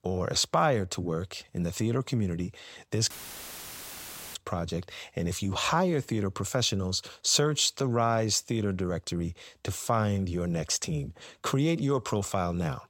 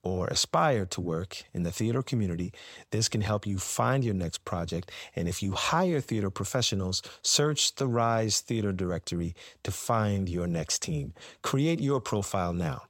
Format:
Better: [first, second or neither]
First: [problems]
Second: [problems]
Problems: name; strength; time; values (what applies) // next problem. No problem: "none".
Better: second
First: audio cutting out; filled with static; at 3 s for 1 s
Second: none